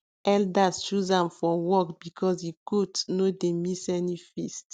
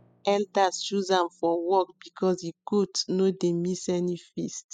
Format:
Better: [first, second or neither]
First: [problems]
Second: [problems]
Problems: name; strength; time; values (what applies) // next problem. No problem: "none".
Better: first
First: none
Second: noise reduction (classical method spectral subtraction)